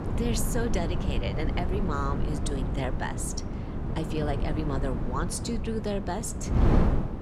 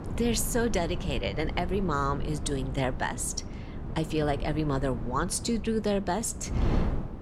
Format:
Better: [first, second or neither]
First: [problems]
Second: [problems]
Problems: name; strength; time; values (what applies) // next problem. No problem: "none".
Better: second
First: wind noise on the microphone; heavy; 3 dB below the speech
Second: wind noise on the microphone; occasional gusts; 10 dB below the speech